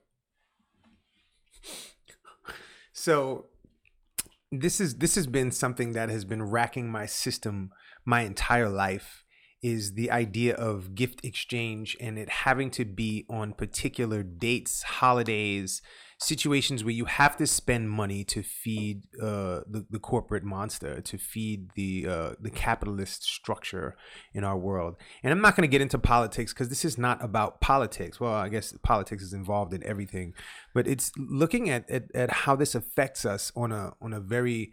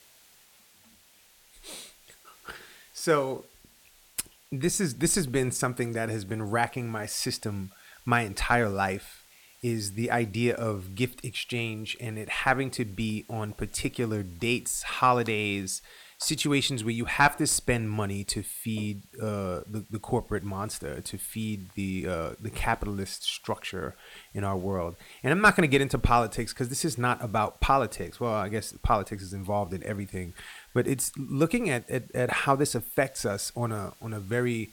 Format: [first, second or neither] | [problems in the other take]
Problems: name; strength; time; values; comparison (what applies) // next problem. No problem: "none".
first | hiss; faint; throughout; 25 dB below the speech